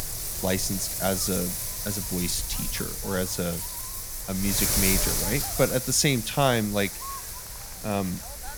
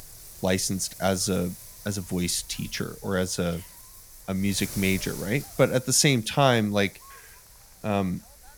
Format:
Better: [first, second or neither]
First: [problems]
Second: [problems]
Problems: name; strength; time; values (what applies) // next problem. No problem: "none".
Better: second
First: wind noise on the microphone; heavy; 4 dB below the speech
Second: wind noise on the microphone; occasional gusts; 20 dB below the speech